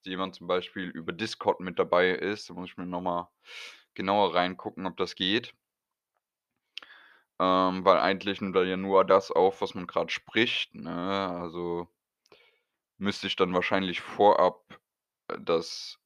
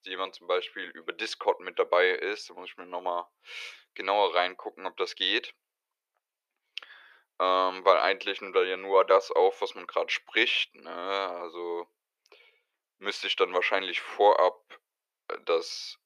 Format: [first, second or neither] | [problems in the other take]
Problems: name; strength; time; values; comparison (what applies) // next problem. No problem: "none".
first | thin; very; fading below 400 Hz